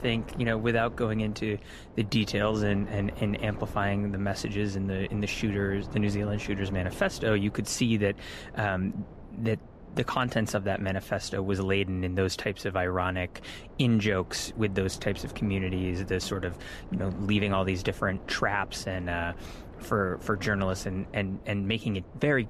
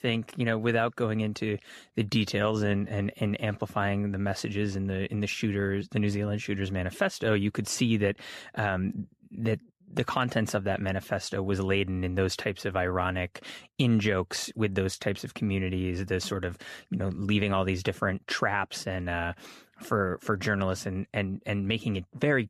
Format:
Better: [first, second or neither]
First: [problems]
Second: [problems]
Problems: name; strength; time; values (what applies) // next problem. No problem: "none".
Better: second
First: wind noise on the microphone; occasional gusts; 15 dB below the speech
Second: none